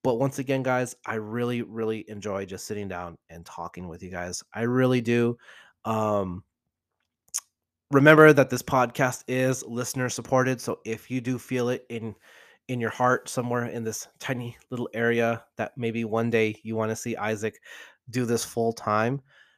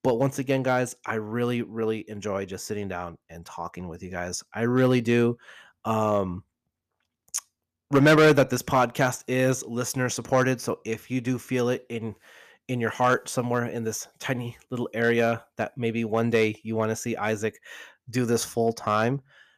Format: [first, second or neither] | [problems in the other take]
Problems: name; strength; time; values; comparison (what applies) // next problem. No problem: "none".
first | distortion; slight; 1.1% of the sound clipped